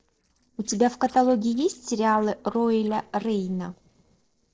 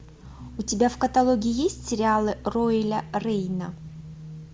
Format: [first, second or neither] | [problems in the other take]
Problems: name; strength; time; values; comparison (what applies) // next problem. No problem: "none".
second | noise reduction (neural separator model SepFormer DNS4)